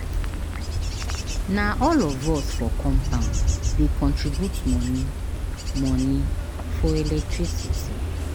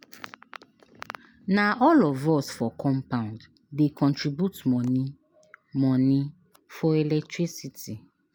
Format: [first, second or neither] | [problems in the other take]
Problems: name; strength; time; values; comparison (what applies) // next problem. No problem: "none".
second | background sound (Wind / Bird / Insect); 3 dB above the speech